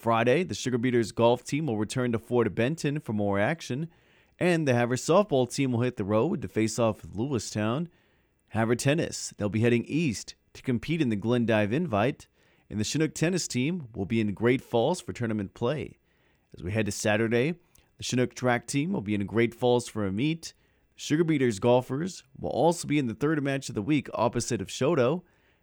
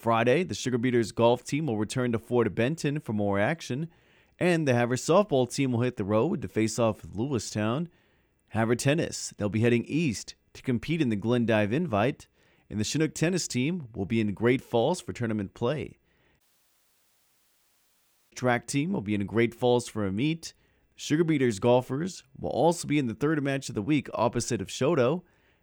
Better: first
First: none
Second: audio cutting out; at 16 s for 2 s

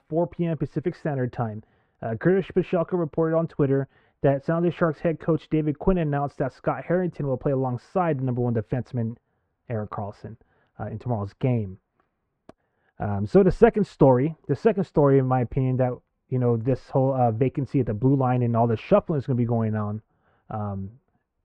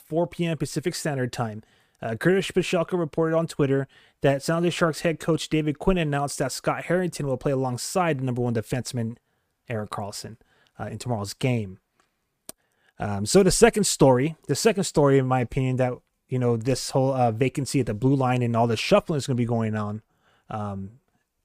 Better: second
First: muffled; very; fading above 1.5 kHz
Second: none

